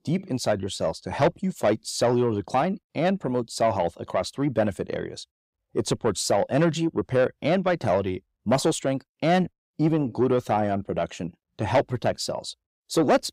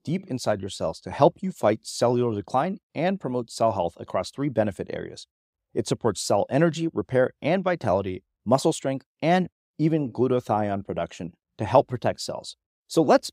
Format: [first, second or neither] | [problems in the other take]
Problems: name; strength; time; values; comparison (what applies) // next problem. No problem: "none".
second | distortion; slight; 10 dB below the speech